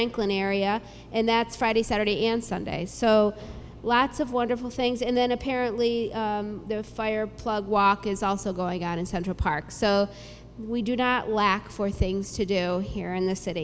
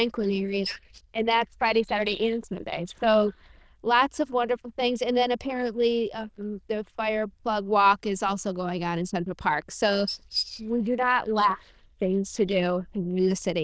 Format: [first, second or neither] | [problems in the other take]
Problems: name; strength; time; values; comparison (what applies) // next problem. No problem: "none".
first | noise reduction (neural diffusion model UNIVERSE++)